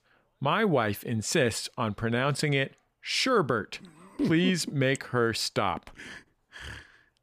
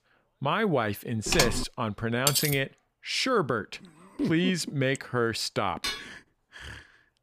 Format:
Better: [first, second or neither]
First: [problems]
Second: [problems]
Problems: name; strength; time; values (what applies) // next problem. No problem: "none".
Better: first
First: none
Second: keyboard typing; loud; at 1.5 s; peak 2 dB above the speech // clattering dishes; loud; at 2.5 s; peak 3 dB above the speech // clattering dishes; noticeable; at 6 s; peak 5 dB below the speech